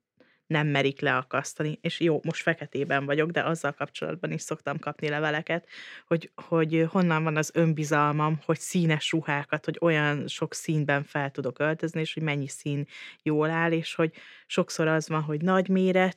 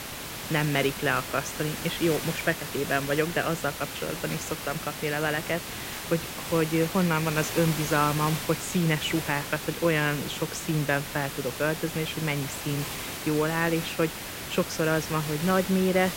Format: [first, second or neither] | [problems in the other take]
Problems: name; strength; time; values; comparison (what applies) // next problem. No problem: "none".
first | hiss; loud; throughout; 6 dB below the speech